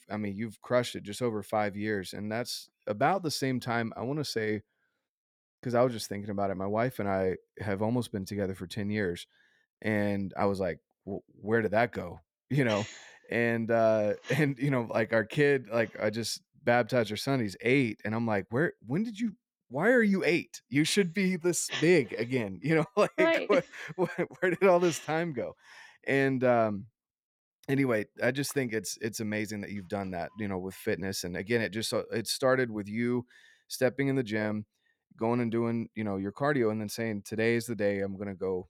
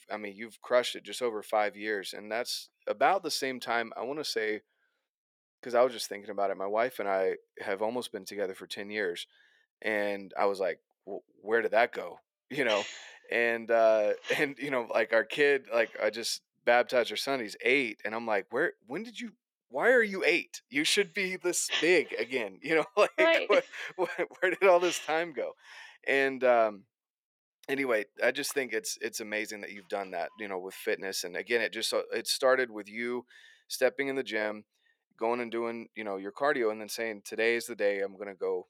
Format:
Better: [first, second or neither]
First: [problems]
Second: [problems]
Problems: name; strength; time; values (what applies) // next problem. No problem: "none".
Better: first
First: none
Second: thin; somewhat; fading below 450 Hz